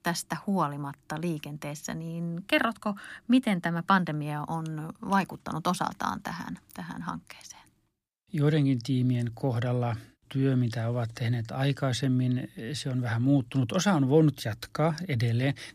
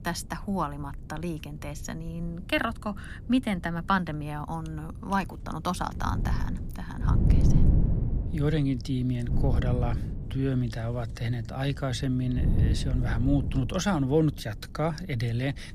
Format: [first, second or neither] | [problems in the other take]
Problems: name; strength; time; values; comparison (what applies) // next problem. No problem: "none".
first | wind noise on the microphone; heavy; 9 dB below the speech